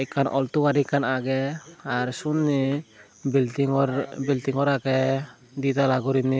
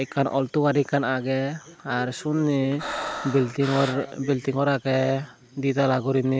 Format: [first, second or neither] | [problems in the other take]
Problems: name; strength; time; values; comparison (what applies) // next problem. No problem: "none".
first | background sound (Breathing); 10 dB below the speech